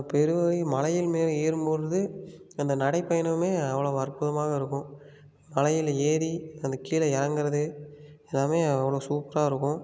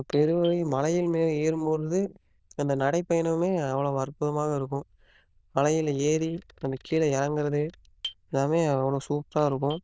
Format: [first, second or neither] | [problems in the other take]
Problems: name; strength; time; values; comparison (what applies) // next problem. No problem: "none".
first | noise reduction (neural diffusion model UNIVERSE++)